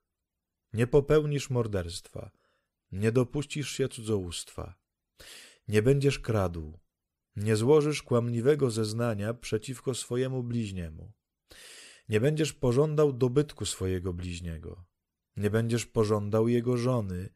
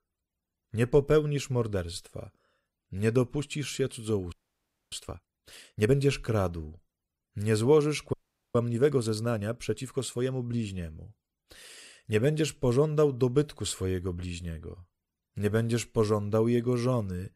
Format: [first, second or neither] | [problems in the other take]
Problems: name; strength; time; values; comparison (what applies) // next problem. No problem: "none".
first | audio freezing; at 4.5 s for 0.5 s and at 8 s